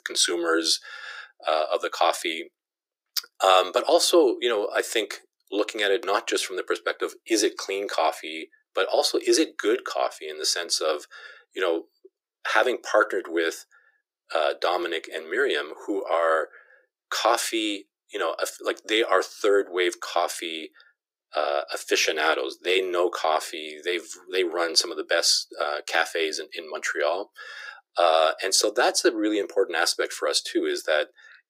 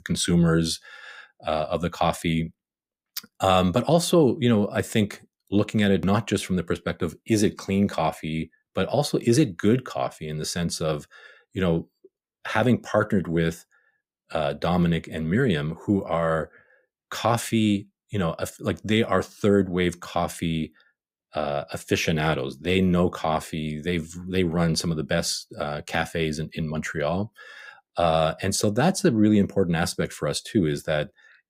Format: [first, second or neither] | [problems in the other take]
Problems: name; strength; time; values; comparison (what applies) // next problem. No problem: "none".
second | thin; very; fading below 350 Hz